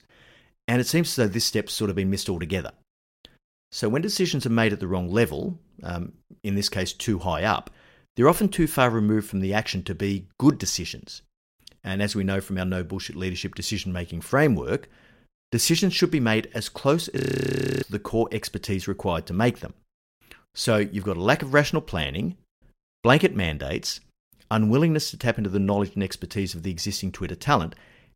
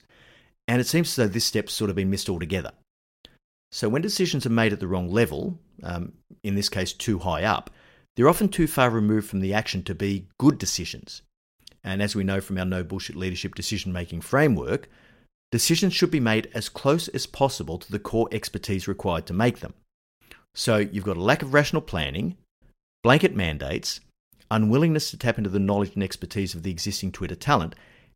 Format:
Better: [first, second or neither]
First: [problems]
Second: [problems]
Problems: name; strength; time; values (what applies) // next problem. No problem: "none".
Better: second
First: audio freezing; at 17 s for 0.5 s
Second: none